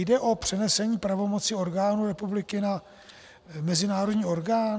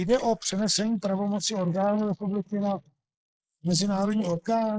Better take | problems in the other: first | noise reduction (neural mask model Resemble Enhance denoiser)

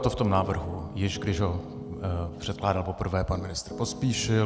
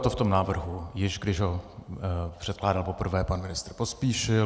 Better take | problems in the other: second | background sound (Piano); 12 dB below the speech

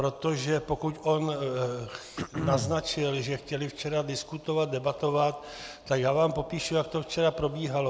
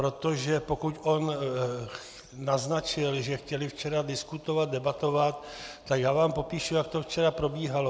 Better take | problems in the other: second | background sound (Cough); 7 dB below the speech

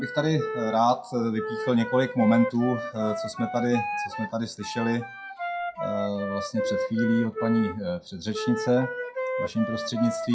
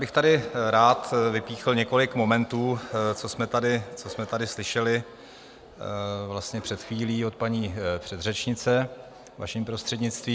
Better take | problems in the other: second | noise reduction (classical method WPE with log-MMSE)

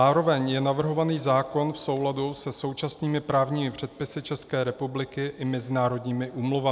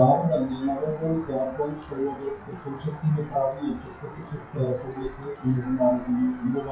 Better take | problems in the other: first | noise reduction (classical method WPE with log-MMSE)

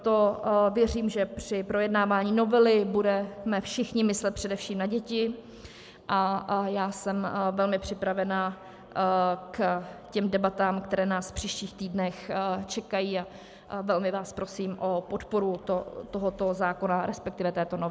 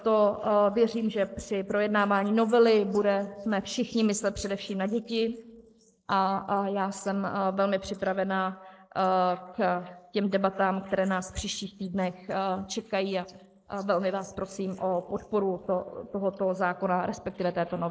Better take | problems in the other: first | noise reduction (neural mask model Resemble Enhance denoiser)

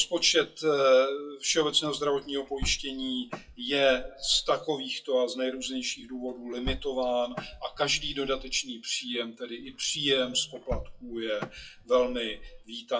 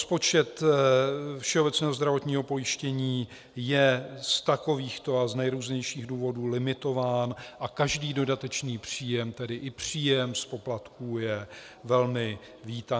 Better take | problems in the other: second | noise reduction (classical method WPE with log-MMSE)

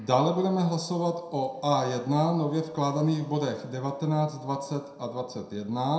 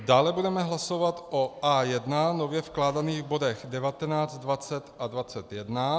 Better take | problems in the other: second | room echo; dies away in 0.5 s

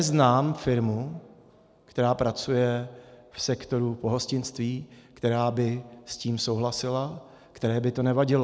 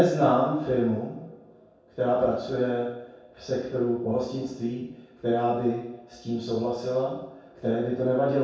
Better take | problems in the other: first | room echo; dies away in 0.7 s

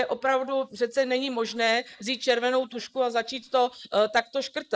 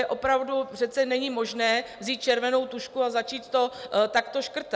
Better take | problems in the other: second | noise reduction (neural mask model Resemble Enhance denoiser)

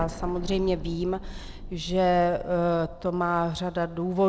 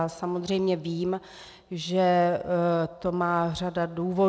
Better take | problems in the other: second | background sound (Explosion); 12 dB below the speech

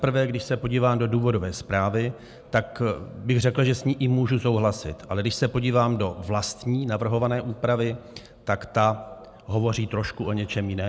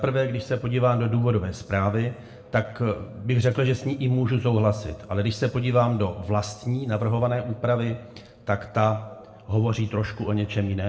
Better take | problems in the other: first | room echo; dies away in 1 s

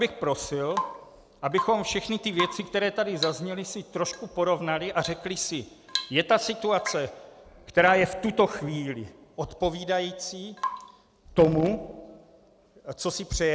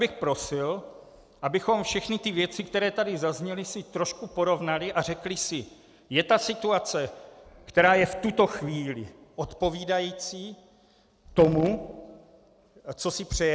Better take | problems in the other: second | background sound (Drip / Water tap, faucet / Rain); 12 dB below the speech

